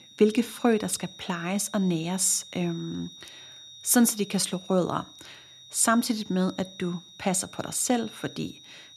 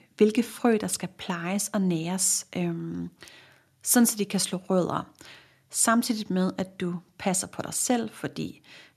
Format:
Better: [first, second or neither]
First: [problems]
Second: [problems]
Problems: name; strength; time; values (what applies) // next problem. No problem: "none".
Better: second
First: high-pitched whine; noticeable; throughout; 4 kHz, 20 dB below the speech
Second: none